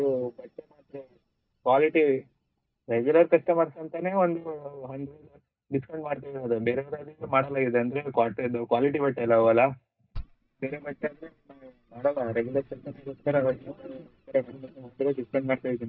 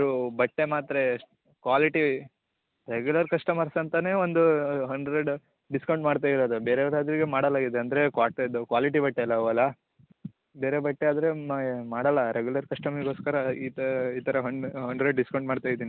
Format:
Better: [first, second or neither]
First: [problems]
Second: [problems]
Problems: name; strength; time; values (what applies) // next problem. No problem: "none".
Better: second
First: noise reduction (neural mask model DeepFilterNet 3)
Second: none